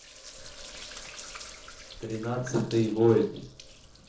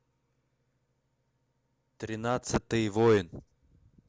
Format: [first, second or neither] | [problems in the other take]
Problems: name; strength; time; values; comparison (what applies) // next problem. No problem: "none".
second | noise reduction (neural separator model SepFormer DNS4)